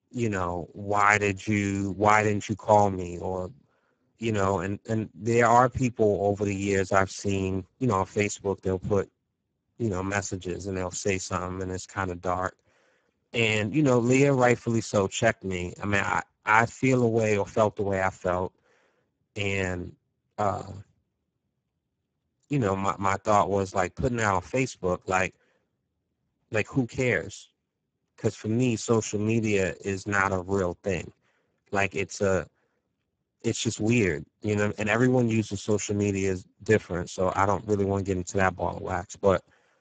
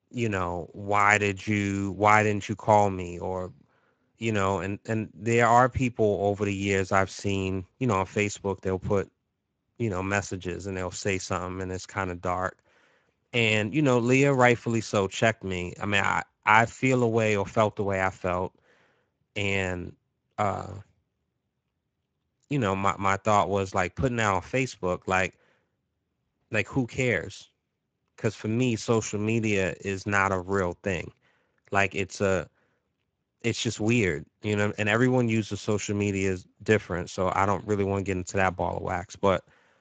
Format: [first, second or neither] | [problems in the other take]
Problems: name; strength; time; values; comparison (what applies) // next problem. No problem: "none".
second | garbled, watery; badly; nothing above 7.5 kHz; slightly in the second